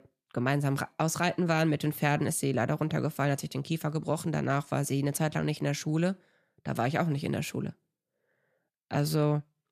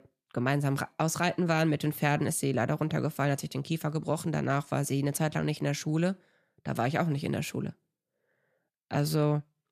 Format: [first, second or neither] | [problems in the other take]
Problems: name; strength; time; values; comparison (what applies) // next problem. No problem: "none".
neither | none